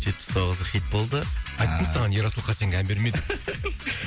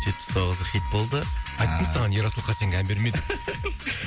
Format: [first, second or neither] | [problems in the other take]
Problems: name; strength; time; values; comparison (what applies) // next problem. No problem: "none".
first | background sound (Wind instrument, woodwind instrument); 17 dB below the speech